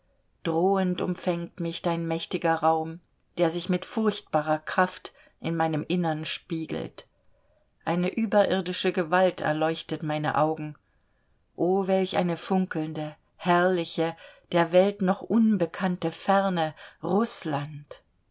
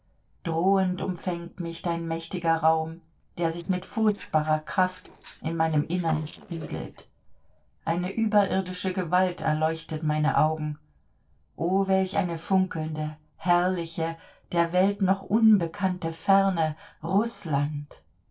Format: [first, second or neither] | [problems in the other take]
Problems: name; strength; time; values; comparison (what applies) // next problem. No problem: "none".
first | noise reduction (neural separator model SepFormer DNS4)